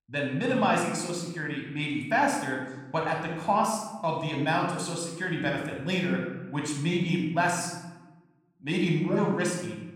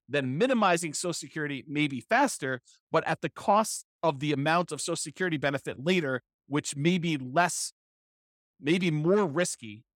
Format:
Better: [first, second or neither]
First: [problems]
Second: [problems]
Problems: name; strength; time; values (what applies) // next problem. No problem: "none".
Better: second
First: off-mic speech; somewhat distant // room echo; noticeable; dies away in 1 s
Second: none